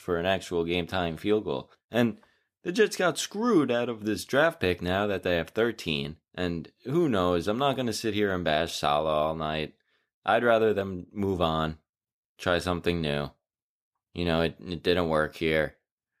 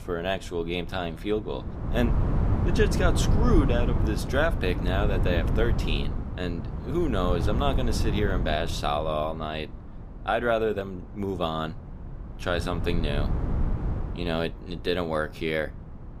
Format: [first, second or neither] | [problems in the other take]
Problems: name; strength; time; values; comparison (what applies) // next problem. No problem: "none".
first | wind noise on the microphone; heavy; 8 dB below the speech